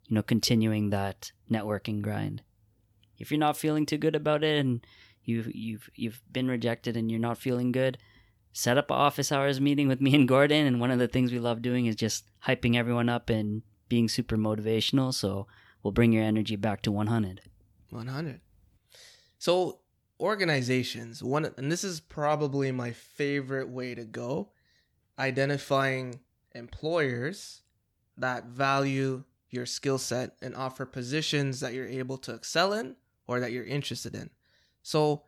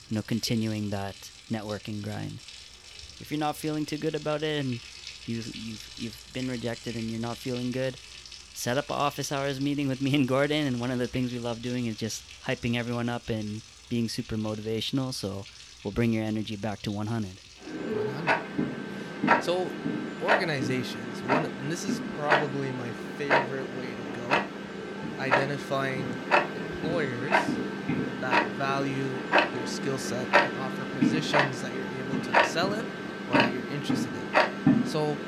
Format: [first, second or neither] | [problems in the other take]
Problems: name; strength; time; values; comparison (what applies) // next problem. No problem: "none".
first | household noises; very loud; throughout; 3 dB above the speech